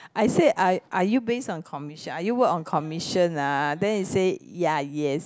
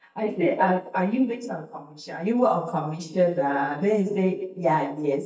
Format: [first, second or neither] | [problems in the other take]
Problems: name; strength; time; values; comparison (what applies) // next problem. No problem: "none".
first | noise reduction (neural mask model DeepFilterNet 3)